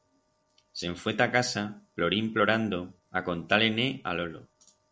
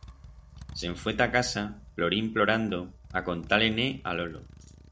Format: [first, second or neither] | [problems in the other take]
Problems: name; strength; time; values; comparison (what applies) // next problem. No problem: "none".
first | background sound (Motorcycle); 18 dB below the speech